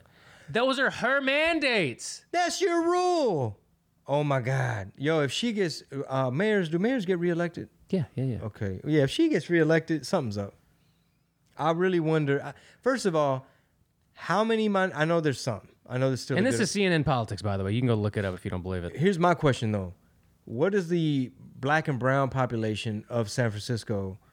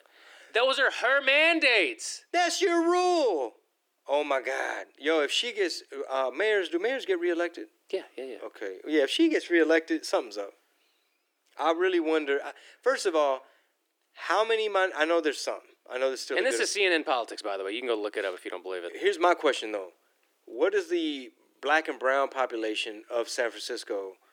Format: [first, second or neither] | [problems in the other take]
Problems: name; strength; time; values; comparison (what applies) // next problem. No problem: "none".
first | thin; very; fading below 300 Hz